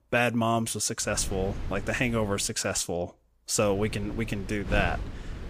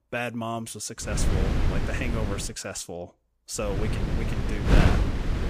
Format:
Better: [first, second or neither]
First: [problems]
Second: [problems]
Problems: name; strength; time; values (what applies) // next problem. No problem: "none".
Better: first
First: wind noise on the microphone; occasional gusts; from 1 to 2.5 s and from 3.5 s on; 15 dB below the speech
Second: wind noise on the microphone; heavy; from 1 to 2.5 s and from 3.5 s on; as loud as the speech